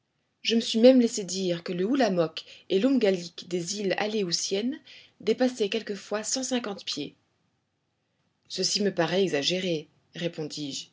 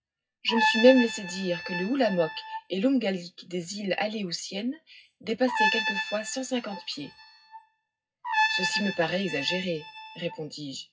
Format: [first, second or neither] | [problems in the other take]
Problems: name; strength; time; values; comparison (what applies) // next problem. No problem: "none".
first | noise reduction (classical method WPE with log-MMSE)